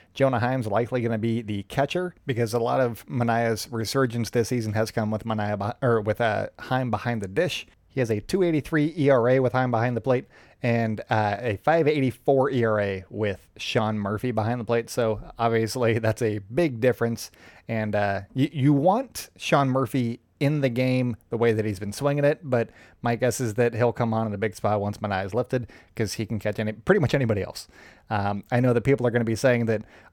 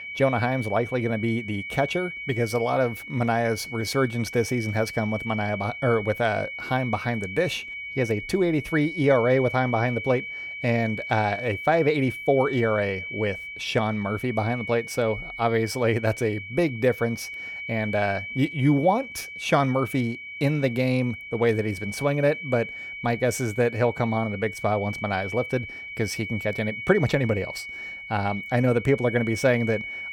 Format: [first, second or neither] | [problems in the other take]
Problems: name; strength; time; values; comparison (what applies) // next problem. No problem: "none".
first | high-pitched whine; loud; throughout; 2.5 kHz, 9 dB below the speech